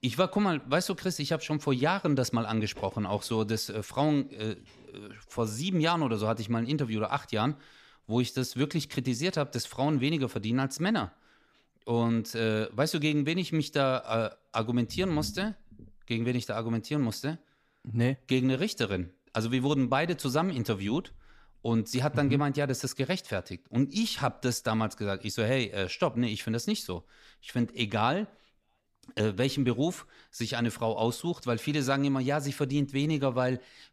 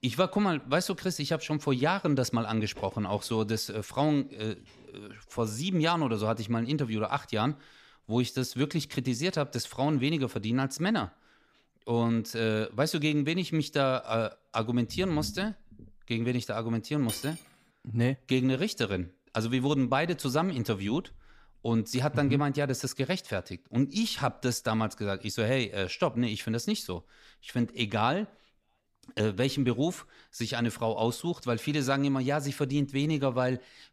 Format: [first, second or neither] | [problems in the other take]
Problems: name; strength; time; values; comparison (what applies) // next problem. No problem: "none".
first | clattering dishes; noticeable; at 17 s; peak 9 dB below the speech